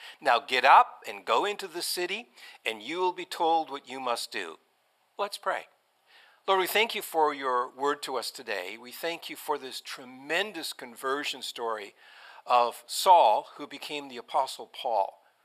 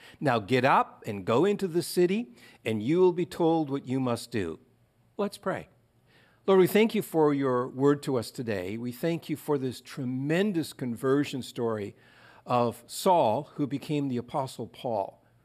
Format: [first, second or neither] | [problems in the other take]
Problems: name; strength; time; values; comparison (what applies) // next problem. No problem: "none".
second | thin; very; fading below 800 Hz